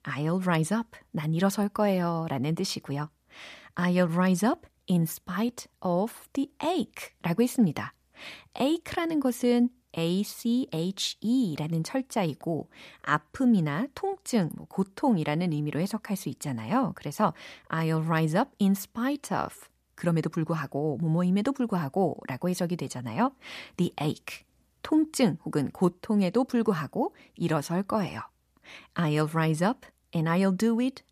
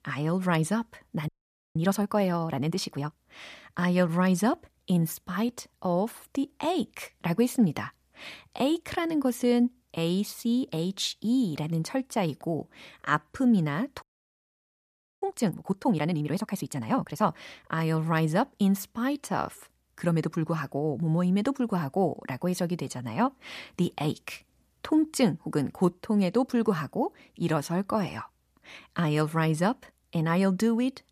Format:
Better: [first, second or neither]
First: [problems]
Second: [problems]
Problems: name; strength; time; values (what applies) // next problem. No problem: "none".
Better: first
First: none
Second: audio freezing; at 1.5 s and at 14 s for 1 s